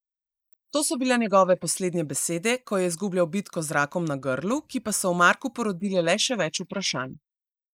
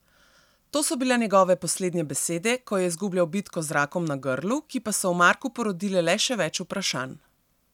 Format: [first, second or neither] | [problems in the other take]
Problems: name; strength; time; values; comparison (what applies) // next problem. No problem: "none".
second | noise reduction (neural mask model Resemble Enhance denoiser)